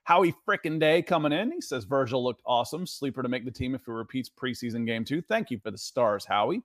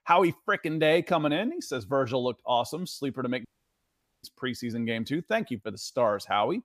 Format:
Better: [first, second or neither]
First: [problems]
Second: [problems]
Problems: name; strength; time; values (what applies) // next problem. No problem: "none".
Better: first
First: none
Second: audio cutting out; at 3.5 s for 1 s